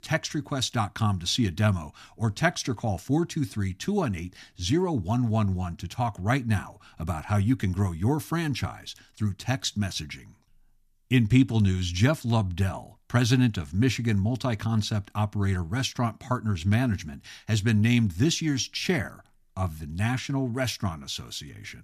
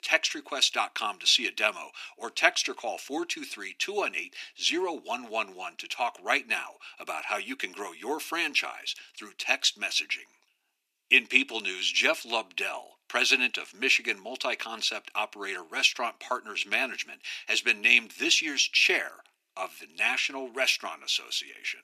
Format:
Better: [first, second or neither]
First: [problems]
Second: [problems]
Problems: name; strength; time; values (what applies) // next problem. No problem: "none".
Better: first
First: none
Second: thin; very; fading below 350 Hz